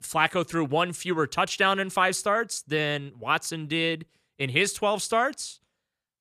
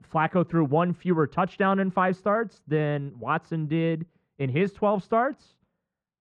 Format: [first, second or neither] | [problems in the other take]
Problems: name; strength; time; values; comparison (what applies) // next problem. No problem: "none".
first | muffled; very; fading above 1 kHz